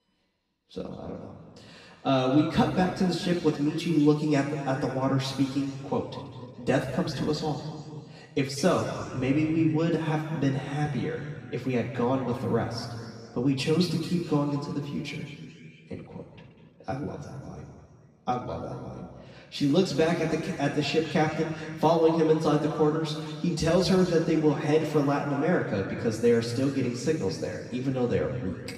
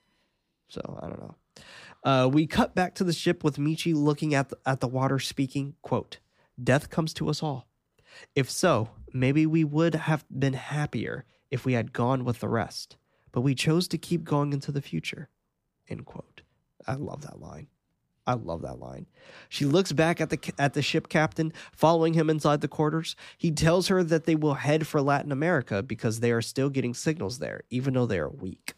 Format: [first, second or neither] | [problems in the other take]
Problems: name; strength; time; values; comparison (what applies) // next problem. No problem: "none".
second | room echo; noticeable; dies away in 2.1 s // off-mic speech; far